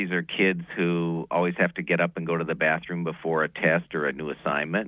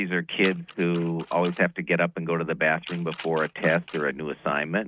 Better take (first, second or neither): first